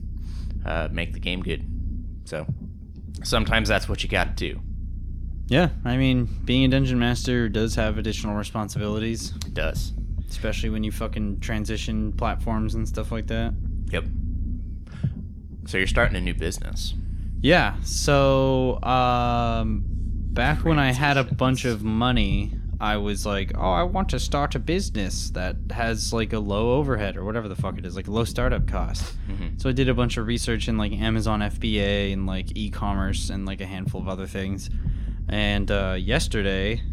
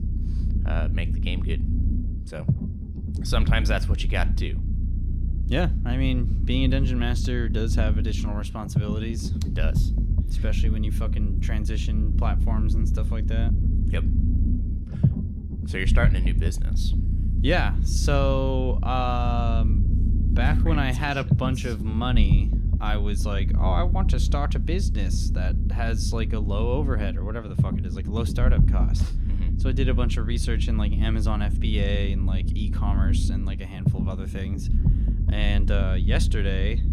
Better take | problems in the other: first | low rumble; loud; throughout; 8 dB below the speech; faint in the first

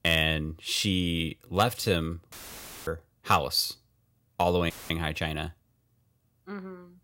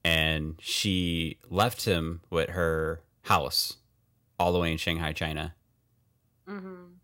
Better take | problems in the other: second | audio cutting out; filled with static; at 2.5 s for 0.5 s and at 4.5 s

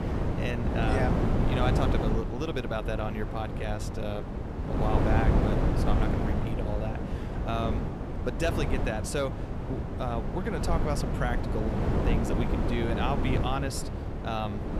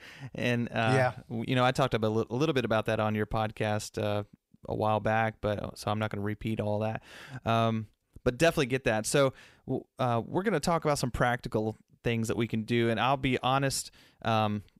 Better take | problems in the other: second | wind noise on the microphone; heavy; 1 dB below the speech

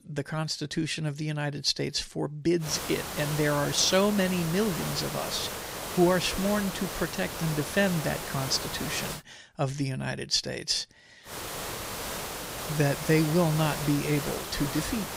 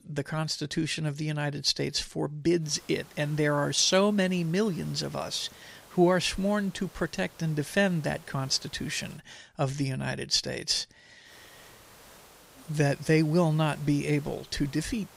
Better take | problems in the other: second | hiss; loud; from 2.5 to 9 s and from 11 s on; 6 dB below the speech; faint in the second

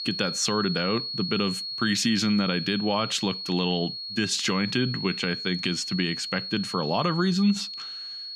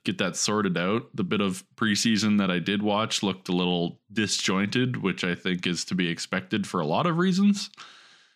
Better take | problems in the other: second | high-pitched whine; loud; throughout; 4.5 kHz, 5 dB below the speech

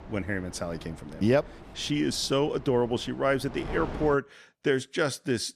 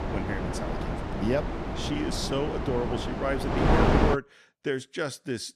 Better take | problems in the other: first | wind noise on the microphone; heavy; until 4 s; 2 dB above the speech; occasional gusts in the first

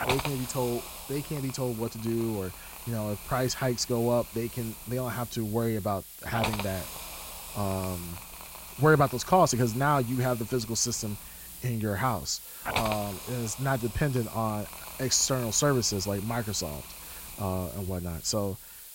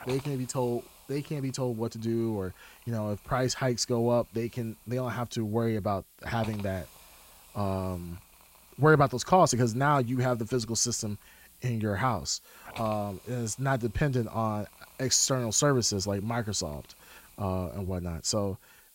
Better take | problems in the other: second | hiss; loud; throughout; 10 dB below the speech; faint in the second

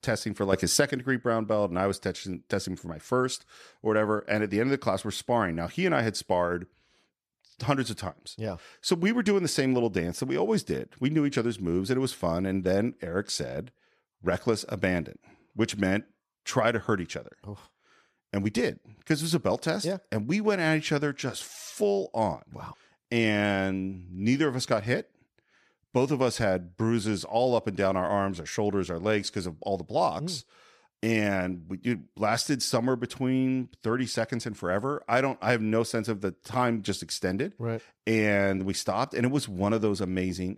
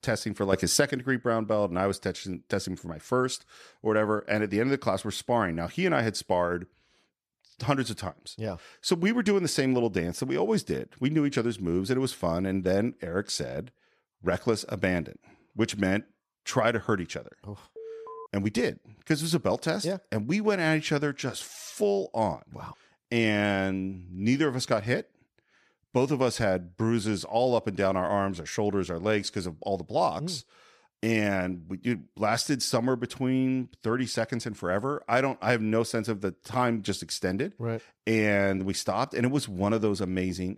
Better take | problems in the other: first | alarm; faint; at 18 s; peak 15 dB below the speech

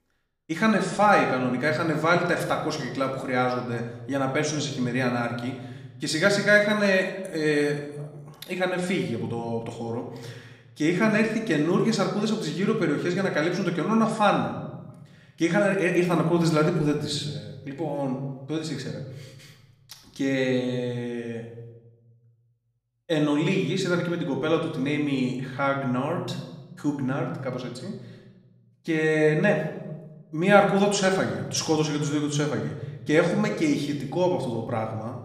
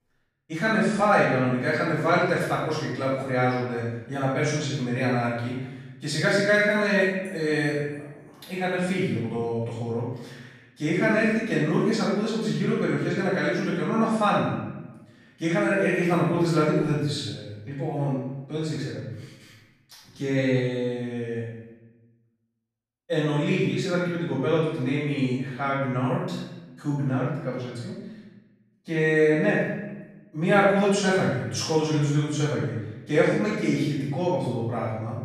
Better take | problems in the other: first | room echo; strong; dies away in 1 s; slight in the first // off-mic speech; far; somewhat distant in the first

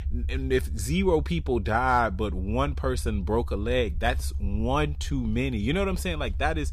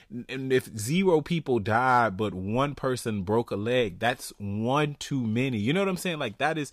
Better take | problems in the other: second | low rumble; faint; throughout; 25 dB below the speech

